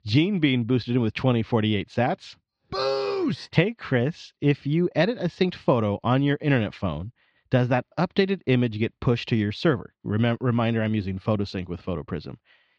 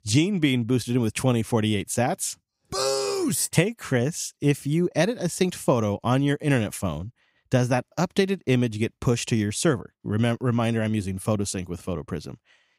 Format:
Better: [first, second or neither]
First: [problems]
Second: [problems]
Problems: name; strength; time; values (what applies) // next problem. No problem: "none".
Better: second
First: muffled; slightly; fading above 4 kHz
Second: none